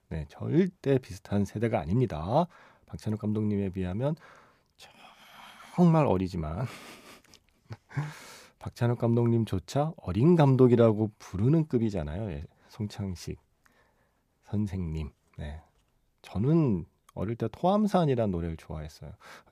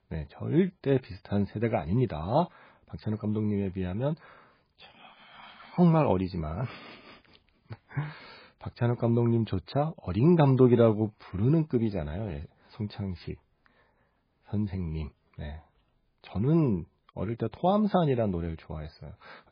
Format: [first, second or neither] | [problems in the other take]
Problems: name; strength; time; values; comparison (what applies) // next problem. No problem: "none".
first | garbled, watery; badly